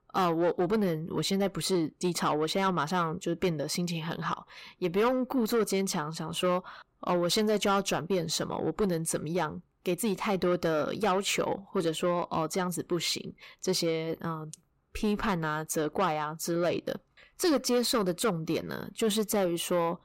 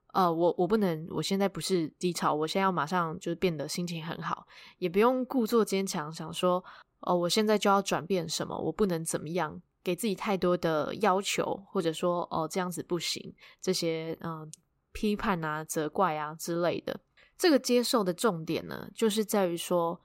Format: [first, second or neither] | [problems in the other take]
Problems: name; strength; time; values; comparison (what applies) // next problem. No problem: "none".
second | distortion; slight; 10 dB below the speech